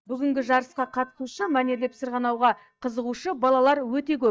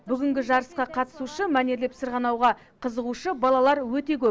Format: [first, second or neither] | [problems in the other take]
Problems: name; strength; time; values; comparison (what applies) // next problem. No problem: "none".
second | noise reduction (neural mask model DeepFilterNet 3)